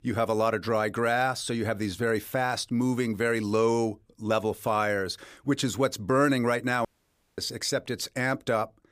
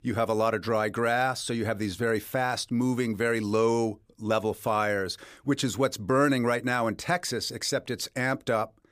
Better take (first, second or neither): second